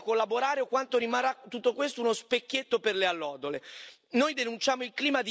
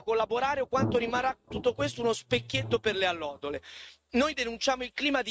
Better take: first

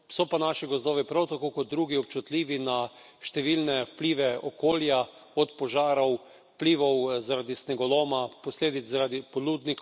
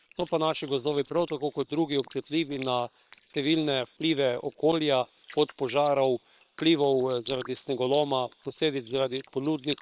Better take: first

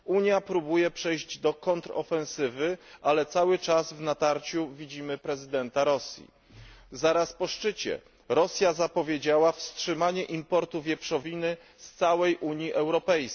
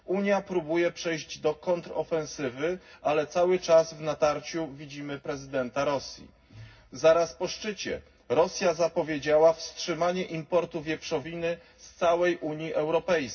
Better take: first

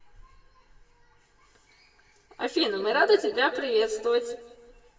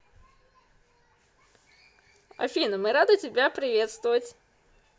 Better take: second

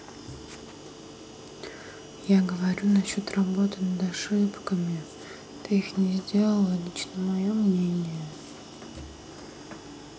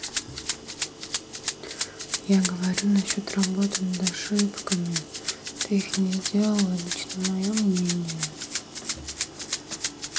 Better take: first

